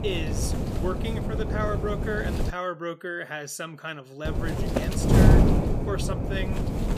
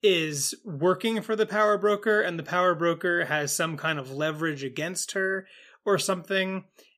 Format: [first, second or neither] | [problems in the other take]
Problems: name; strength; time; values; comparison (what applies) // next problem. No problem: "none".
second | wind noise on the microphone; heavy; until 2.5 s and from 4.5 s on; 1 dB above the speech